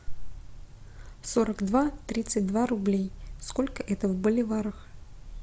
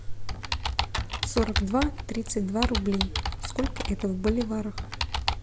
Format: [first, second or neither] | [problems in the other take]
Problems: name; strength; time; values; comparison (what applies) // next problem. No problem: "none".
first | background sound (Computer keyboard); 1 dB below the speech